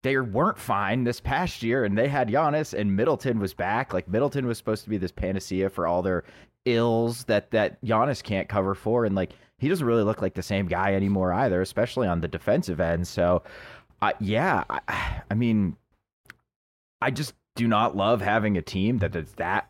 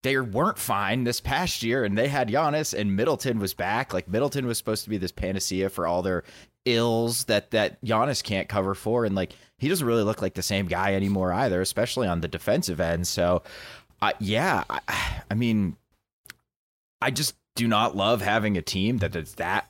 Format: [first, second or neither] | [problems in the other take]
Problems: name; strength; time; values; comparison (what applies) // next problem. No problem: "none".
second | muffled; slightly; fading above 3 kHz